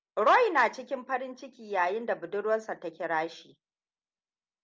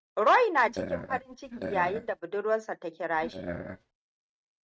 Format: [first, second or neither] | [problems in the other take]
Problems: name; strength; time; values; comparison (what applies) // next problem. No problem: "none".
first | noise reduction (neural mask model RNNoise)